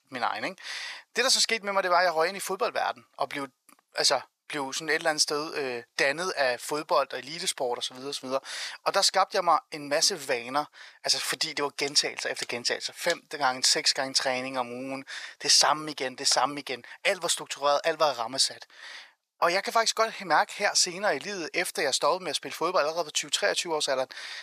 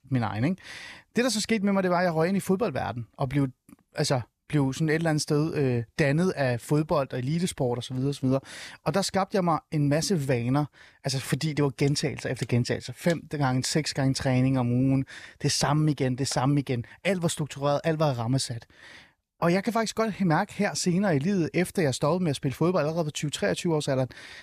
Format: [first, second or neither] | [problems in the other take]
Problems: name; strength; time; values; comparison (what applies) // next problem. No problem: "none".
second | thin; very; fading below 700 Hz